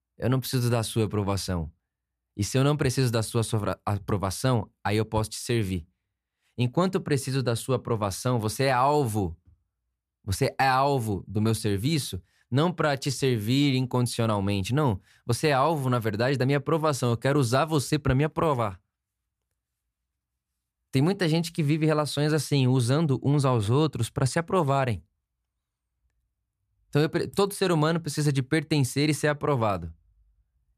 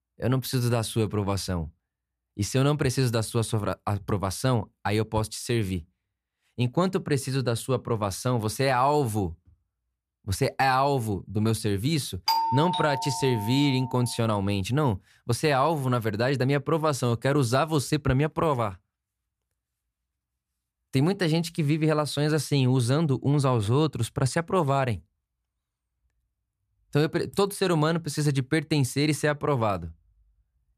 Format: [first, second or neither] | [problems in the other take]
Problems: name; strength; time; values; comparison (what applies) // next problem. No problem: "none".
first | doorbell; loud; from 12 to 14 s; peak 1 dB above the speech